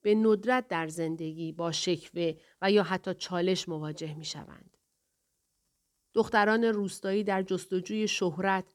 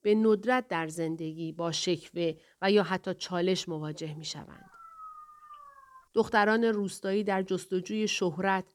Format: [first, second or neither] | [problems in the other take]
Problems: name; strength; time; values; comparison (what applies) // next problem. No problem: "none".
first | dog barking; faint; from 4.5 to 6 s; peak 15 dB below the speech